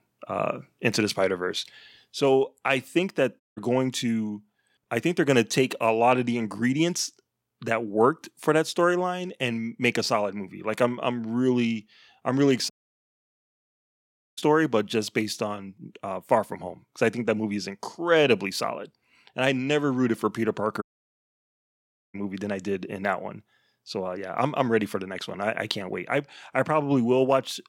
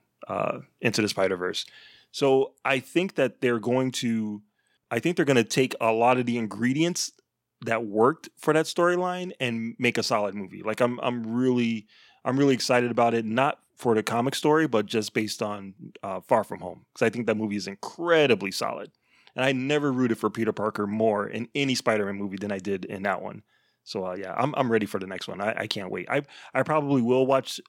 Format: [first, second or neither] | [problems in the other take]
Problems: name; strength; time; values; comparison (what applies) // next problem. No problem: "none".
second | audio cutting out; at 3.5 s, at 13 s for 1.5 s and at 21 s for 1.5 s